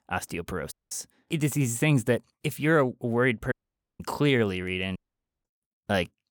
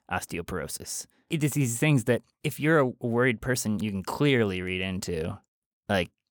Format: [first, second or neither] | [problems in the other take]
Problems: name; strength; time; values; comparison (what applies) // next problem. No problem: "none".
second | audio cutting out; at 0.5 s, at 3.5 s and at 5 s